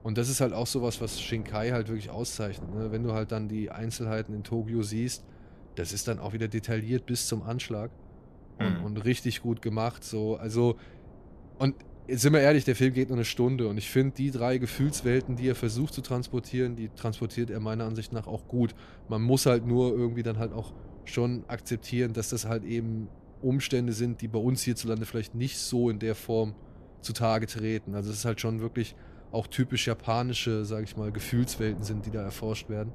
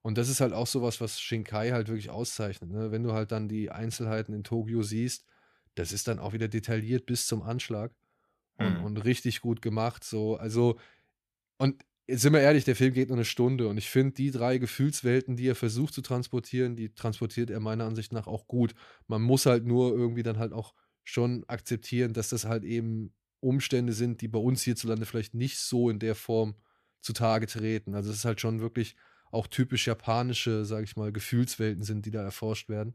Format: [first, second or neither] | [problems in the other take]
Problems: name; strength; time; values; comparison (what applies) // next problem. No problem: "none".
second | wind noise on the microphone; occasional gusts; 20 dB below the speech